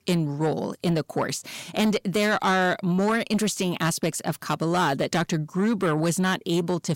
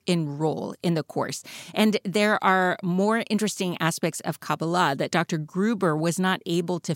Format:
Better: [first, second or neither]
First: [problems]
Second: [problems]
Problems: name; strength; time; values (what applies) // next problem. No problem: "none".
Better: second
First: distortion; slight; 10 dB below the speech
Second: none